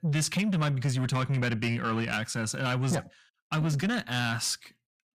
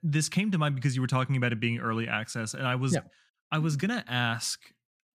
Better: second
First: distortion; slight; 10 dB below the speech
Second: none

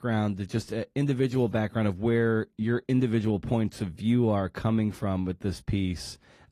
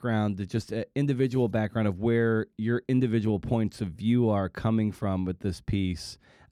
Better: second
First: garbled, watery; slightly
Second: none

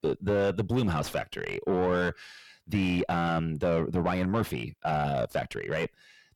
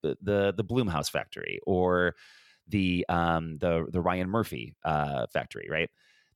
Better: second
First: distortion; heavy; 7 dB below the speech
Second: none

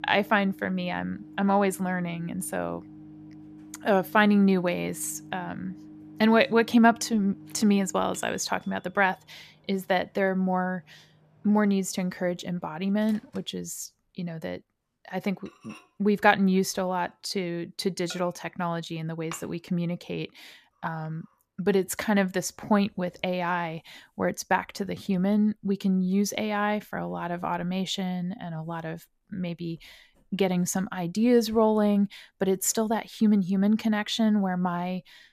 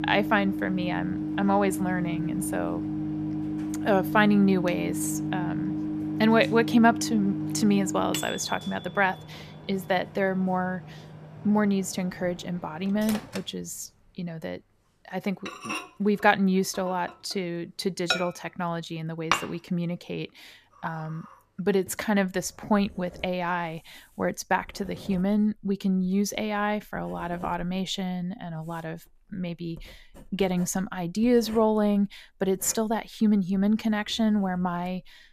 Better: first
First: household noises; faint; throughout; 20 dB below the speech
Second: household noises; loud; throughout; 6 dB below the speech

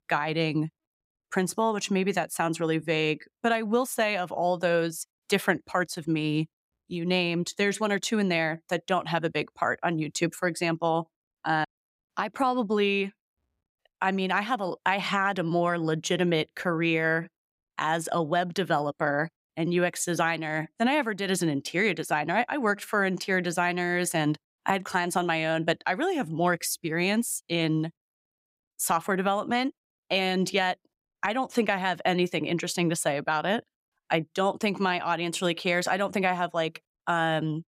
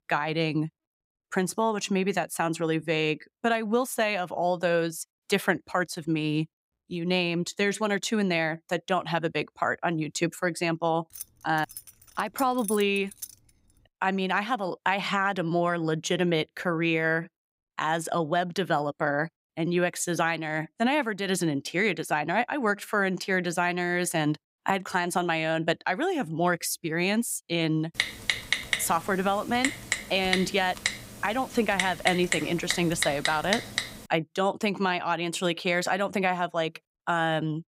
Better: first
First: none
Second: jangling keys; noticeable; from 11 to 13 s; peak 8 dB below the speech // keyboard typing; loud; from 28 to 34 s; peak 1 dB above the speech

